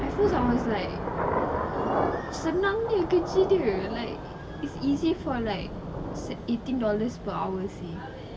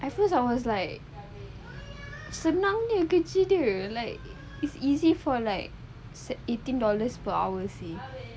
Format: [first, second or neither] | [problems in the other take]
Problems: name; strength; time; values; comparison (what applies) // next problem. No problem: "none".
second | background sound (Thunder / Rain); 4 dB below the speech // room echo; dies away in 1.5 s